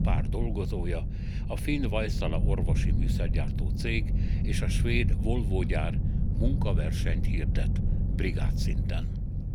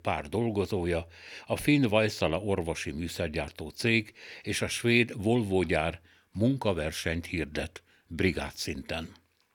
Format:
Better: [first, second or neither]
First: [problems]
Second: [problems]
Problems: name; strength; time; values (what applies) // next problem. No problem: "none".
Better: second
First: low rumble; loud; throughout; 7 dB below the speech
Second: none